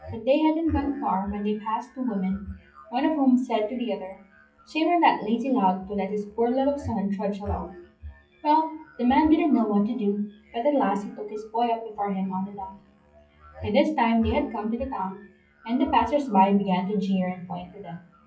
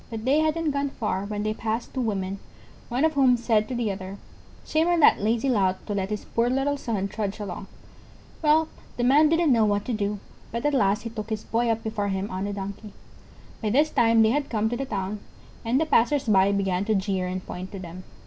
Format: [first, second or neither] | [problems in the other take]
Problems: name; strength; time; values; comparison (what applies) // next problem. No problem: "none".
second | noise reduction (classical method WPE with log-MMSE)